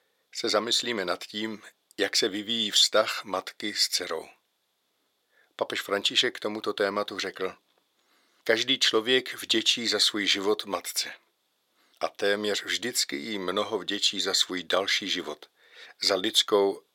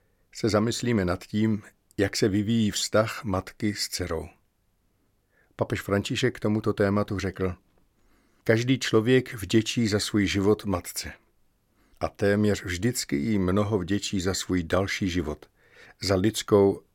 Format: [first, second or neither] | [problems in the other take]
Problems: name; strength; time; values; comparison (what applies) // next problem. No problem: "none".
second | thin; somewhat; fading below 450 Hz